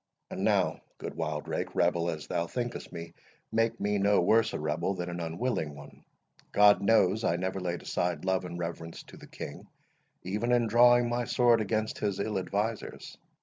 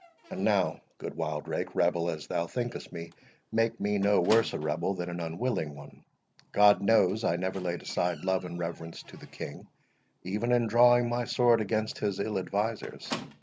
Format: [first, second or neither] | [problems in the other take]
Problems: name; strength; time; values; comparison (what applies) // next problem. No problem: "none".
first | background sound (Squeak); 19 dB below the speech